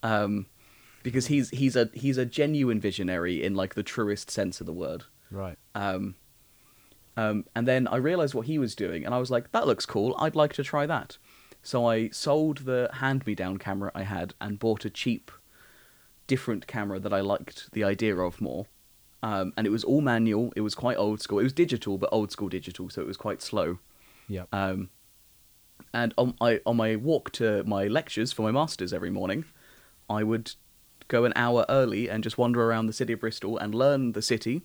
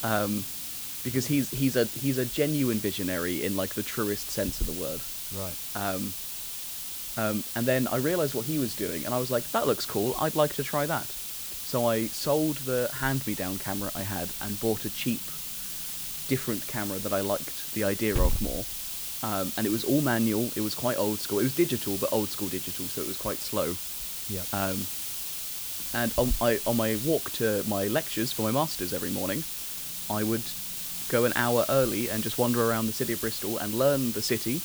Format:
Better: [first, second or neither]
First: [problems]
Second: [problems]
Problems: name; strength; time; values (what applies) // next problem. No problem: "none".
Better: first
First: hiss; faint; throughout; 30 dB below the speech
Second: hiss; loud; throughout; 3 dB below the speech